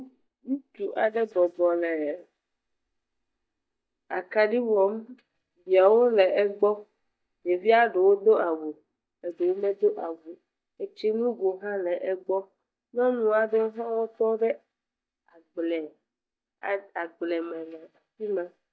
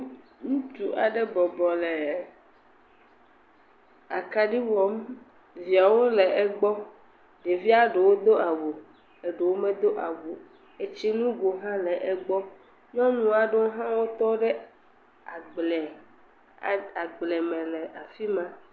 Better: second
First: noise reduction (neural mask model DeepFilterNet 3)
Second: none

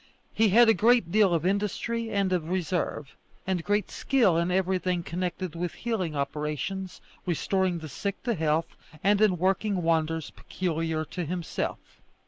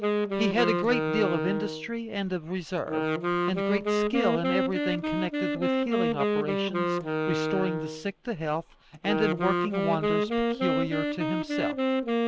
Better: first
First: none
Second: background sound (Wind instrument, woodwind instrument); 3 dB above the speech

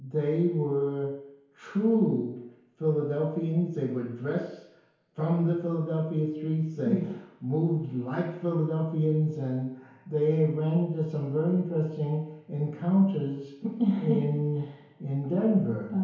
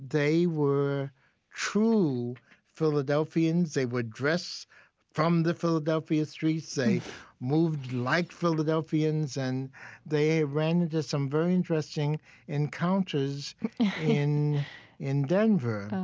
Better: second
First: room echo; dies away in 1 s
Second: none

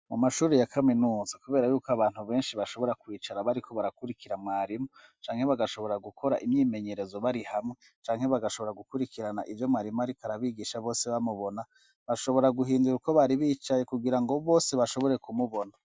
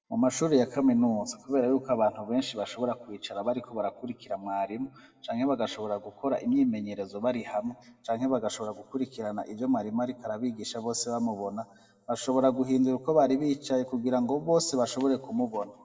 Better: first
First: none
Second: room echo; dies away in 0.7 s

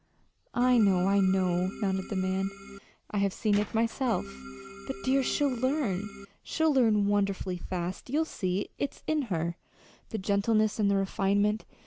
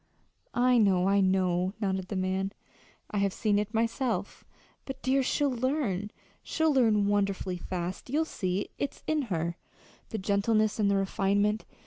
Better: second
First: background sound (Organ + Tools); 14 dB below the speech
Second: none

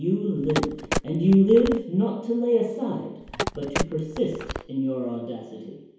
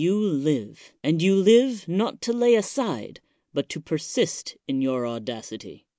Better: second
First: background sound (Telephone); 7 dB below the speech // room echo; dies away in 1 s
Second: none

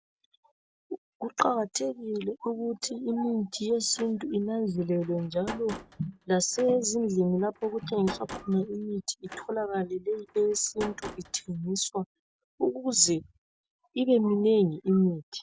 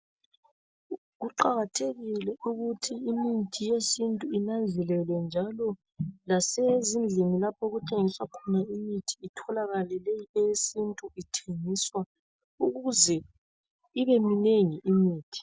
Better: second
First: background sound (Slam); 16 dB below the speech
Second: none

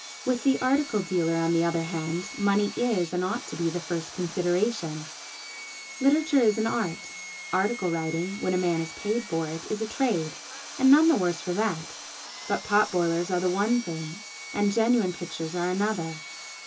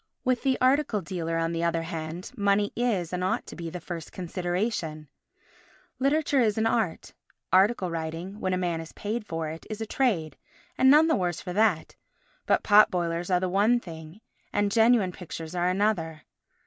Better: second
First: background sound (Sawing); 13 dB below the speech // room echo; dies away in 0.2 s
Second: none

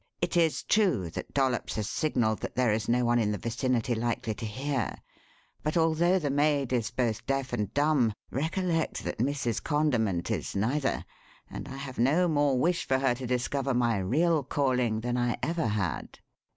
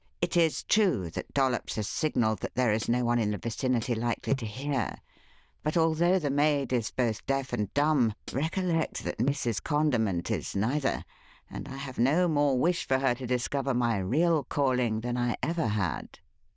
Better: first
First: none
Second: noise reduction (neural diffusion model UNIVERSE++)

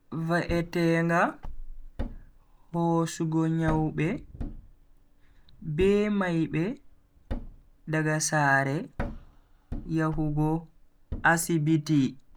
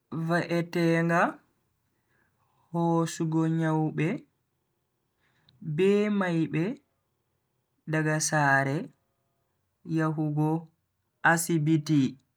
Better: second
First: background sound (Wind / Car + Thump, thud); 12 dB below the speech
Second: none

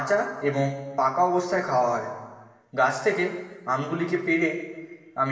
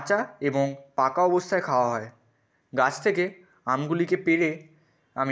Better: second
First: room echo; dies away in 1.4 s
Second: none

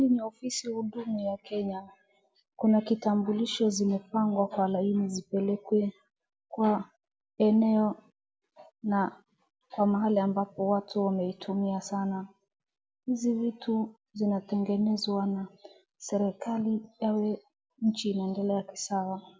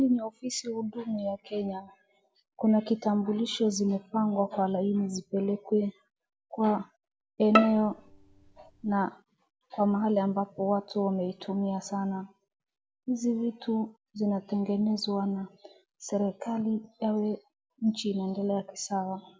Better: first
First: none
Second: background sound (Bowed string instrument); 2 dB below the speech

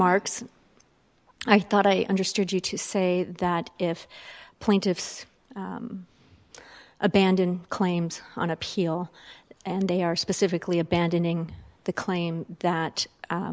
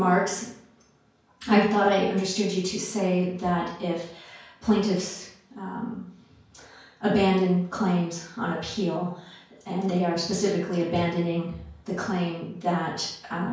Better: first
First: none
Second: room echo; dies away in 0.5 s

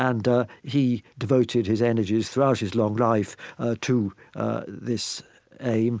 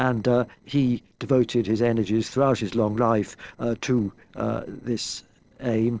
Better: first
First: none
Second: noise reduction (neural separator model SepFormer DNS4)

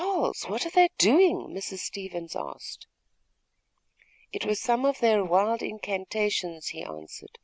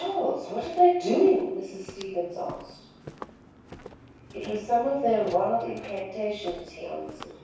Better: first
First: none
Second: background sound (Walk, footsteps); 19 dB below the speech // room echo; dies away in 0.7 s

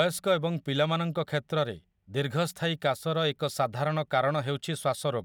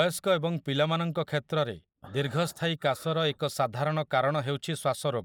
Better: first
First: none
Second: noise reduction (neural mask model Resemble Enhance denoiser)

